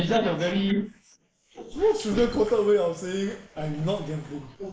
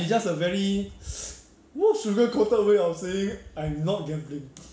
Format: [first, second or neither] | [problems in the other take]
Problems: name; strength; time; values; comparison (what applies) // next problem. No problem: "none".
second | noise reduction (neural mask model Resemble Enhance denoiser)